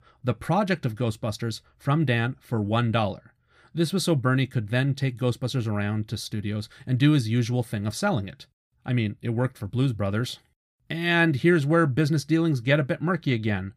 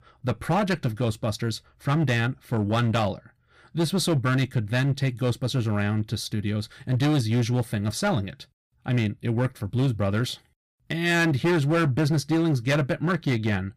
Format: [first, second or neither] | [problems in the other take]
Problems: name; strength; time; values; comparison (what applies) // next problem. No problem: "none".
first | distortion; slight; 10% of the sound clipped